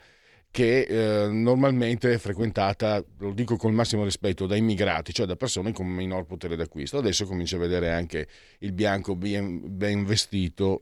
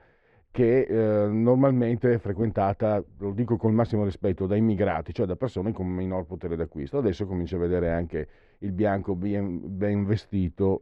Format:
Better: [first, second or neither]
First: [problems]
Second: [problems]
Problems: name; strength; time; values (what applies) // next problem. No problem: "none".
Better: first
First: none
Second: muffled; very; fading above 3 kHz